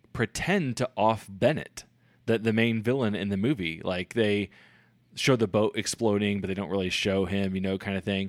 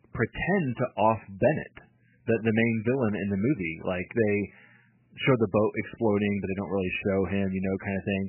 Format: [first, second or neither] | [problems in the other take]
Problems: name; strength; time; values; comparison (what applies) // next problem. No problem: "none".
first | garbled, watery; badly; nothing above 3 kHz